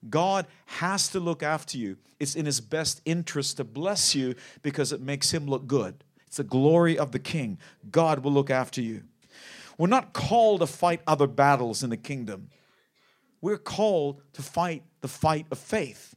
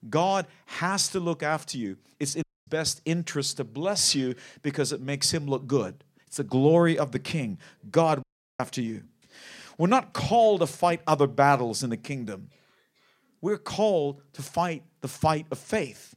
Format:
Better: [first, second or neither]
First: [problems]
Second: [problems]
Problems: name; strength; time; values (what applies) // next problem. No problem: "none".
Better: first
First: none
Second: audio cutting out; at 2.5 s and at 8 s